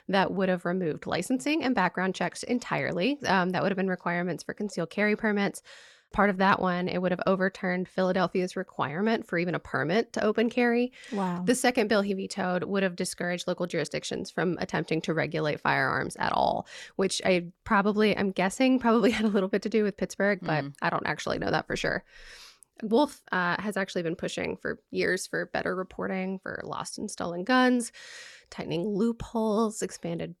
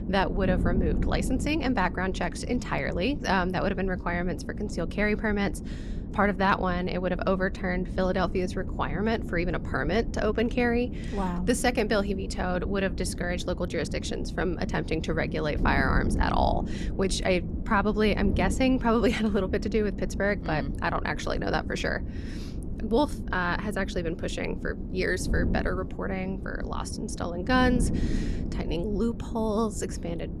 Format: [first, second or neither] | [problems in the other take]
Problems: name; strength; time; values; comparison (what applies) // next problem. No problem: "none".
first | wind noise on the microphone; occasional gusts; 15 dB below the speech